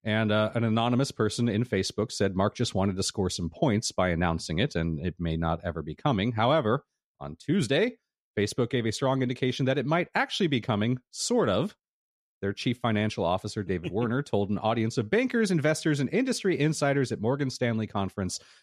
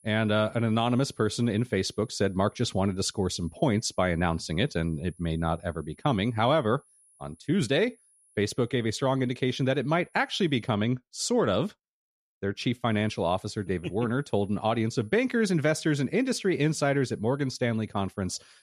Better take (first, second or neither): first